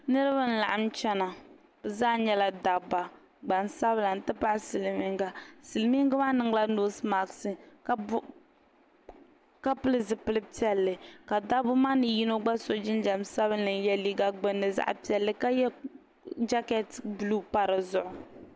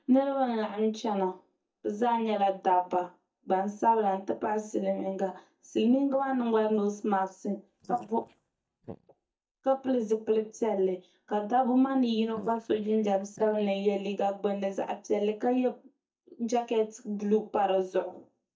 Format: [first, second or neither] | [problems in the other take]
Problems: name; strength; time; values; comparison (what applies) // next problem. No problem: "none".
first | noise reduction (neural mask model DeepFilterNet 3)